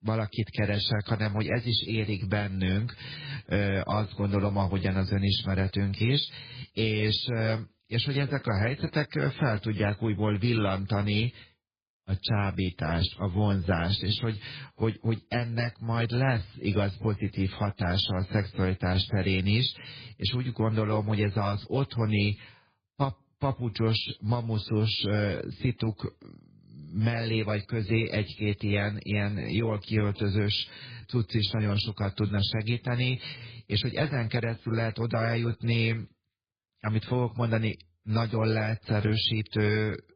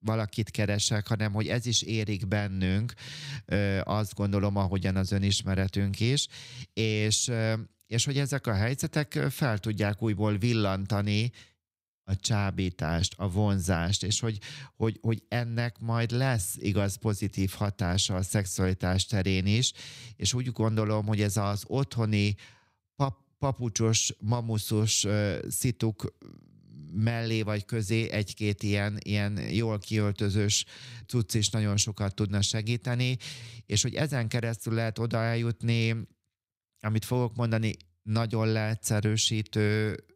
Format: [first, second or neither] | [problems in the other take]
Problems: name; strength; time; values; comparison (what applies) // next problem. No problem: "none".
second | garbled, watery; badly; nothing above 4.5 kHz